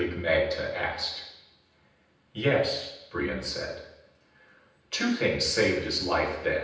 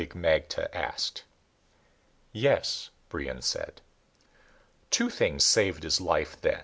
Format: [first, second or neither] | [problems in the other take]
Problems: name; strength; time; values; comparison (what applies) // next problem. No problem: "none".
second | room echo; dies away in 0.9 s